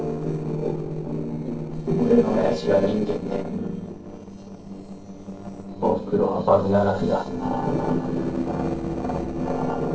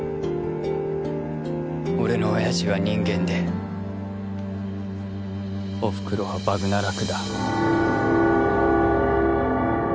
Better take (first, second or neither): second